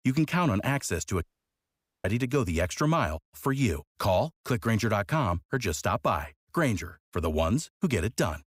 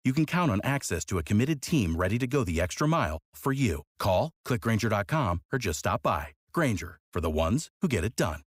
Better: second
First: audio cutting out; at 1 s for 1 s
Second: none

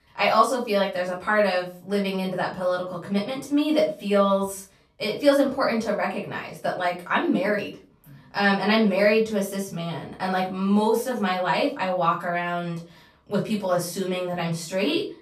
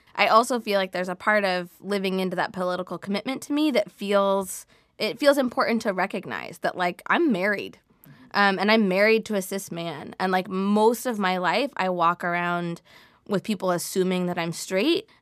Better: second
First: off-mic speech; far // room echo; slight; dies away in 0.3 s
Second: none

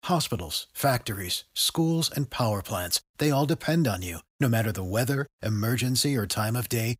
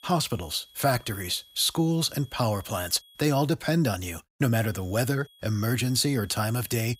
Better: first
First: none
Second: high-pitched whine; faint; until 3.5 s and from 4.5 s on; 3.5 kHz, 25 dB below the speech

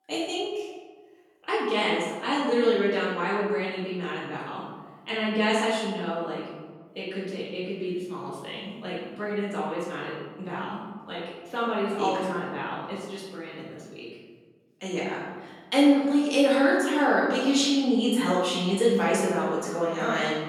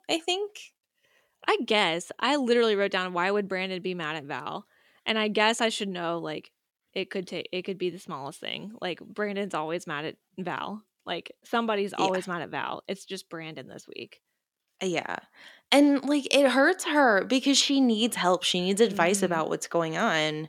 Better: second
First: room echo; noticeable; dies away in 1.3 s // off-mic speech; far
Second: none

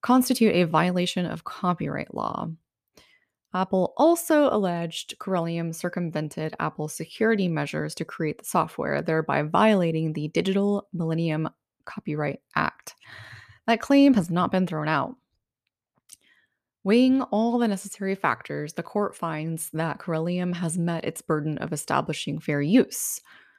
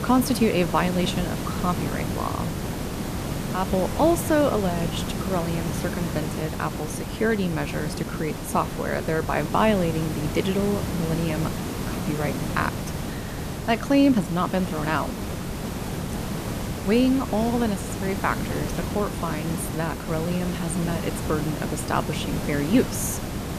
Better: first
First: none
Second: hiss; loud; throughout; 4 dB below the speech

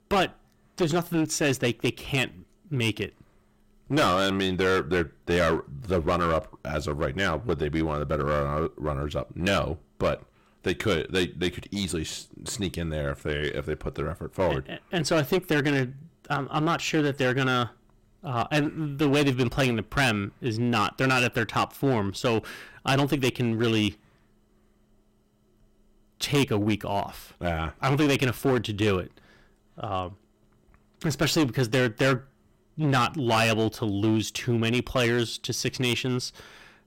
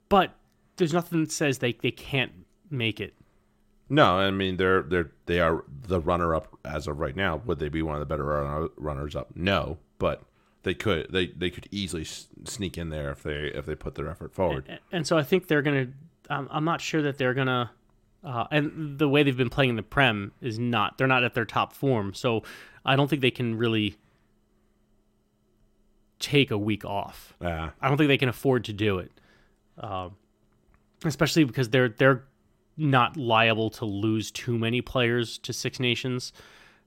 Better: second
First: distortion; heavy; 10% of the sound clipped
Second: none

